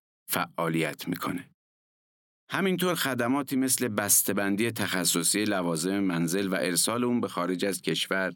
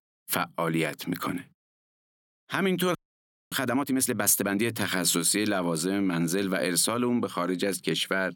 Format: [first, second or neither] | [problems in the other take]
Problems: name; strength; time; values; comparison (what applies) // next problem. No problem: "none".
first | audio freezing; at 3 s for 0.5 s